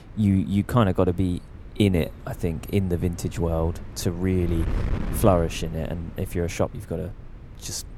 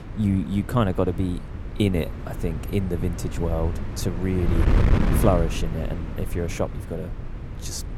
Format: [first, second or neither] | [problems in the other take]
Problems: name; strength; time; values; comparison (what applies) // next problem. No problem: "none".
first | wind noise on the microphone; heavy; 7 dB below the speech; occasional gusts in the first